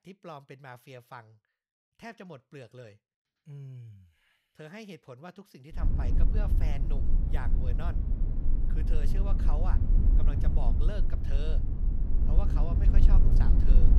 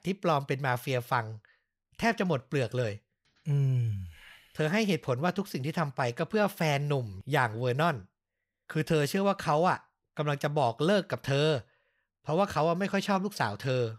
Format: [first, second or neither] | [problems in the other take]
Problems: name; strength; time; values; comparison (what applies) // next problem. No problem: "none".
second | low rumble; loud; from 6 s on; as loud as the speech